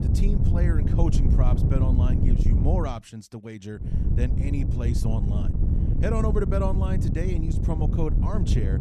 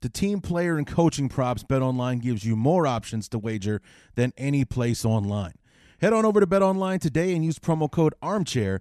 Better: second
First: wind noise on the microphone; heavy; until 3 s and from 4 s on; 3 dB below the speech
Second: none

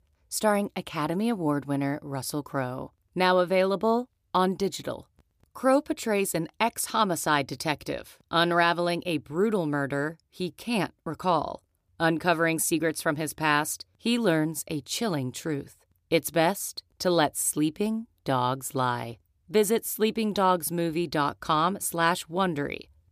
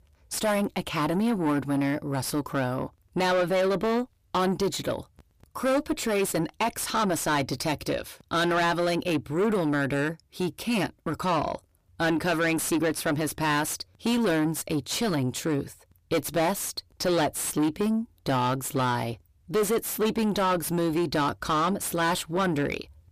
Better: first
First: none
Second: distortion; heavy; 5 dB below the speech

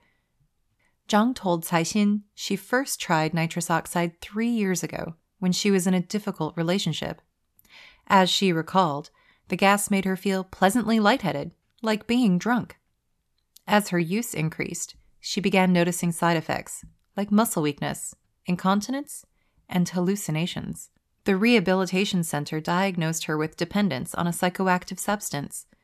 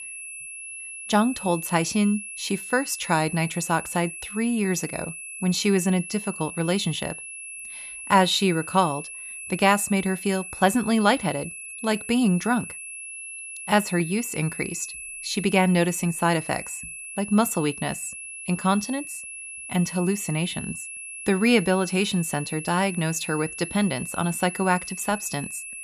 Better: first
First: none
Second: high-pitched whine; noticeable; throughout; 2.5 kHz, 10 dB below the speech

